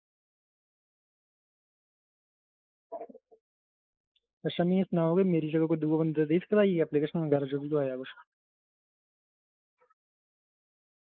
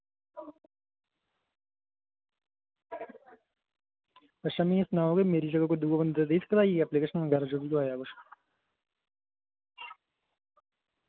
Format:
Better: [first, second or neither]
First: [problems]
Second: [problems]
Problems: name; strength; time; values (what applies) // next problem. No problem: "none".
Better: second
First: noise reduction (neural mask model Resemble Enhance denoiser)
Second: none